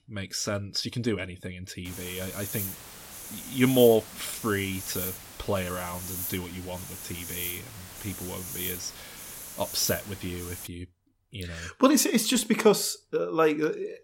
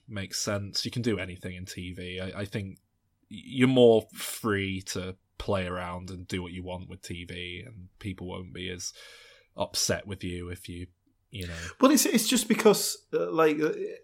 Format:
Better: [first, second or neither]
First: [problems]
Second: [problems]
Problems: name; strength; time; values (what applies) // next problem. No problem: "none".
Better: second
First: hiss; loud; from 2 to 11 s; 9 dB below the speech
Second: none